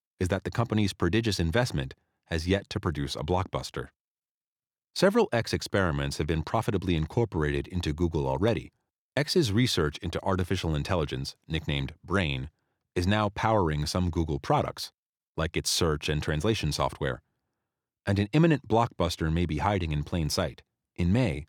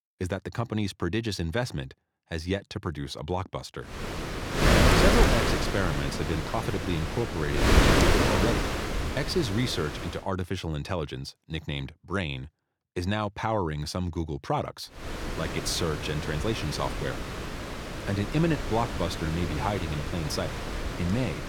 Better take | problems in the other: first | wind noise on the microphone; heavy; from 4 to 10 s and from 15 s on; 3 dB above the speech

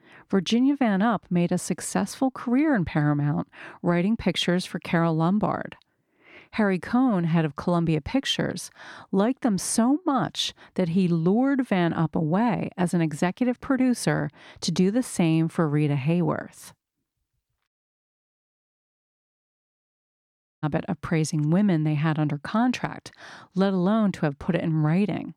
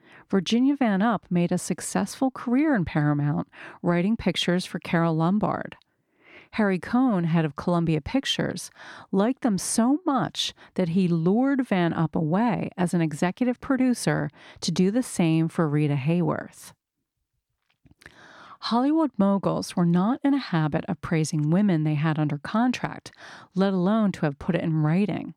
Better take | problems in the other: second | audio cutting out; at 18 s for 3 s

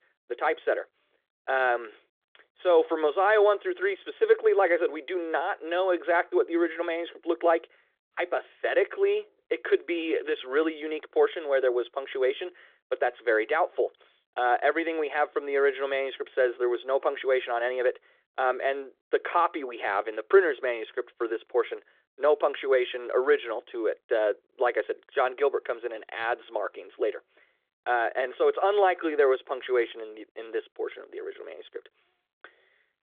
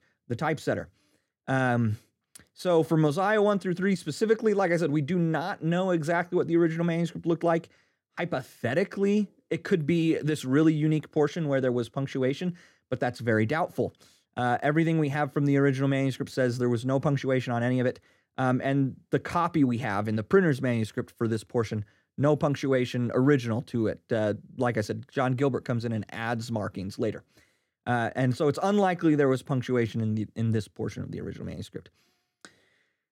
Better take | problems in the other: second | phone-call audio; nothing above 3.5 kHz

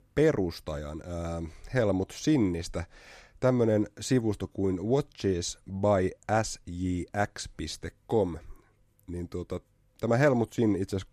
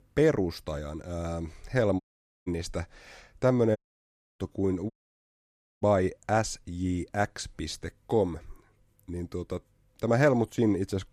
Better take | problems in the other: first | audio cutting out; at 2 s, at 4 s for 0.5 s and at 5 s for 1 s

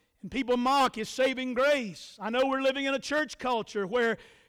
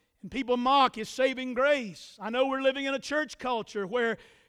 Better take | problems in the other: second | distortion; slight; 5% of the sound clipped

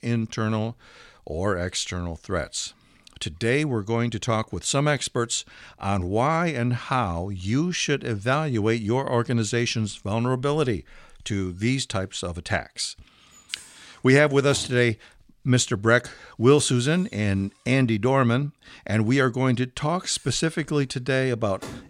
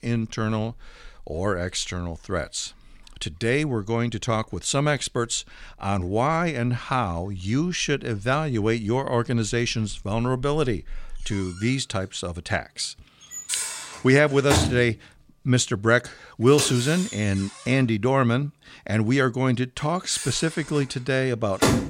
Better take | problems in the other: first | household noises; loud; throughout; 6 dB below the speech; faint in the first

